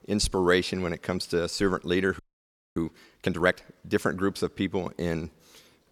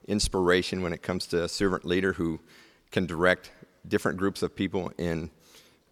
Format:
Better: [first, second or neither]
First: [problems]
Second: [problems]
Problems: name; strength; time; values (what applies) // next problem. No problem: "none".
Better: second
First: audio freezing; at 2 s for 0.5 s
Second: none